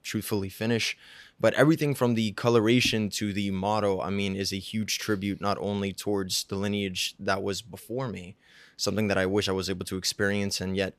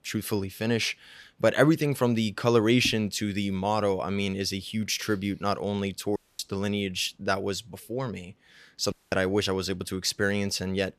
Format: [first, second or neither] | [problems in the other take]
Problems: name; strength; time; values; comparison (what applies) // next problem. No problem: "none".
first | audio cutting out; at 6 s and at 9 s